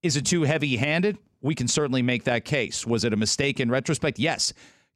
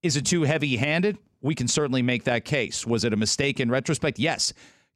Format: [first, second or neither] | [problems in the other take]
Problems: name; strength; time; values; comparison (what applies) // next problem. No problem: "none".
neither | none